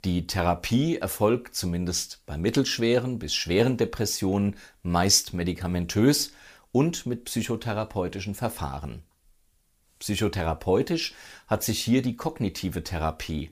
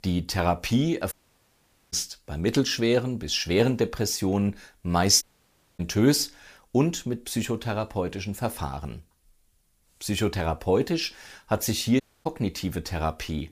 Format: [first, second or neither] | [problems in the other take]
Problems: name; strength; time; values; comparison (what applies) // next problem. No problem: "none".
first | audio cutting out; at 1 s for 1 s, at 5 s for 0.5 s and at 12 s